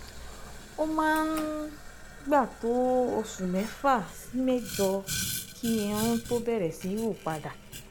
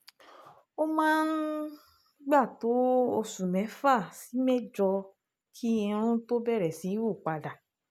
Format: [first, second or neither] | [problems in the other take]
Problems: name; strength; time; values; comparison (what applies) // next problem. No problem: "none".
second | background sound (Boiling); 11 dB below the speech